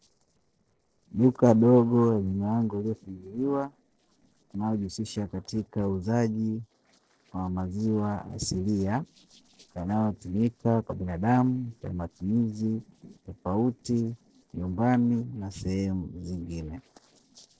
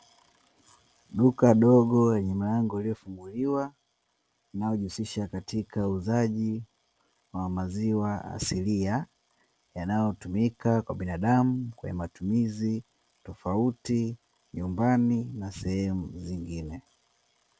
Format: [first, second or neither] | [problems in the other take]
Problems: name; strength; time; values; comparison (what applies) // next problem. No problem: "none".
second | noise reduction (neural separator model SepFormer DNS4)